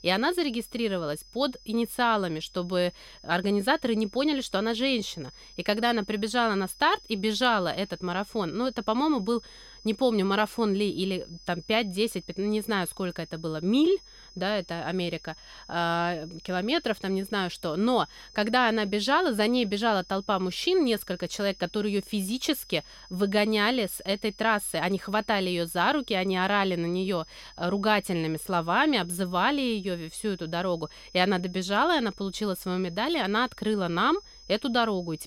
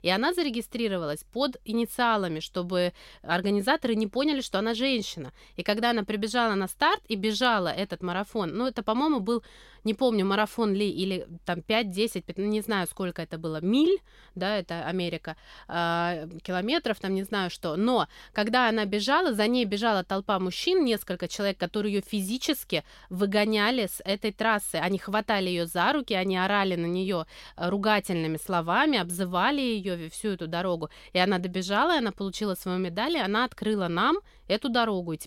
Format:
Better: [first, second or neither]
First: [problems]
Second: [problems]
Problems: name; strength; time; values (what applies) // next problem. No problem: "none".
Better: second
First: high-pitched whine; faint; throughout; 5 kHz, 20 dB below the speech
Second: none